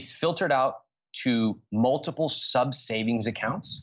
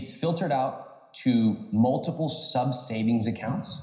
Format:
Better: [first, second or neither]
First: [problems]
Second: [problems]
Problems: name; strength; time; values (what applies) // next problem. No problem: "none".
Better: first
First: none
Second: room echo; dies away in 0.9 s